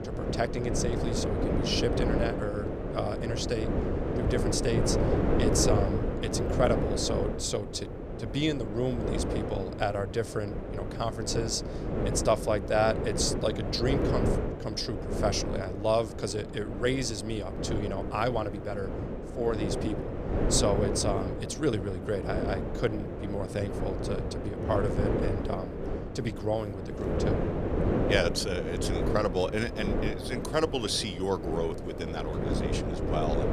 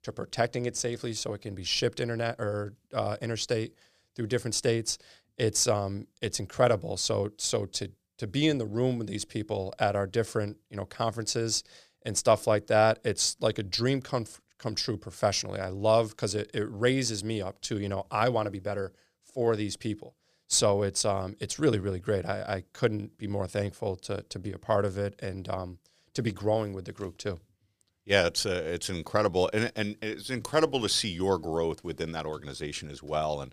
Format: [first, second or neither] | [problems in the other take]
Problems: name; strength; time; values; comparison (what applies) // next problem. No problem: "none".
second | wind noise on the microphone; heavy; 3 dB below the speech